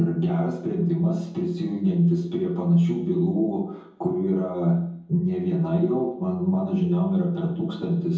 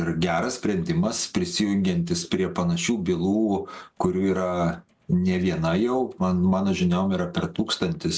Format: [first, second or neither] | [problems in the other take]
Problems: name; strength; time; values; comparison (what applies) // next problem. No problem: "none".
second | room echo; dies away in 0.7 s